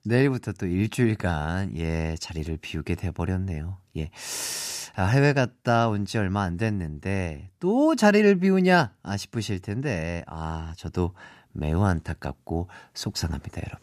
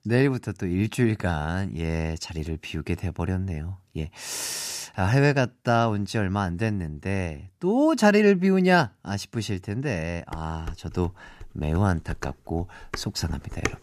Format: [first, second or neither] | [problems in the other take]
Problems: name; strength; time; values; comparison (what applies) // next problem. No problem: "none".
first | clattering dishes; noticeable; from 10 s on; peak 6 dB below the speech